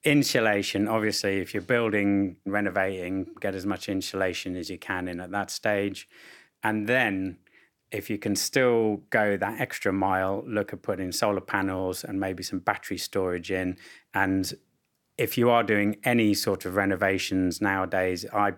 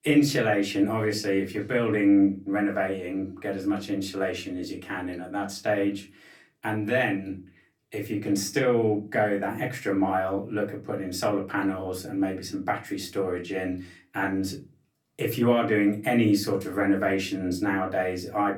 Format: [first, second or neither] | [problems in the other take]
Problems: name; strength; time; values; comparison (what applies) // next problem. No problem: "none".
first | off-mic speech; far // room echo; very slight; dies away in 0.3 s